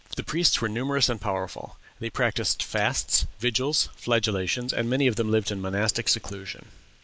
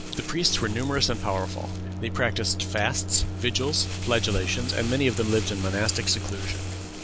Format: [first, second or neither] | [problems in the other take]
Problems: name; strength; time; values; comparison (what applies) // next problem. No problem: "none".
first | background sound (Microwave oven + Crumpling, crinkling); 4 dB below the speech